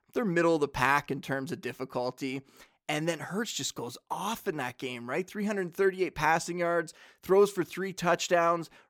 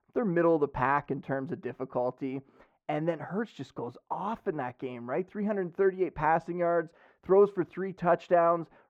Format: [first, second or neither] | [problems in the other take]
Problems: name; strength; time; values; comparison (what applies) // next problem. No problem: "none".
first | muffled; very; fading above 3 kHz